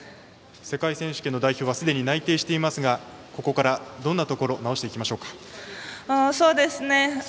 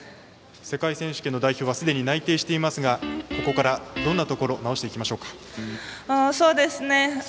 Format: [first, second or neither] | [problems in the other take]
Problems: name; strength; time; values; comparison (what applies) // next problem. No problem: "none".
first | background sound (Guitar); 10 dB below the speech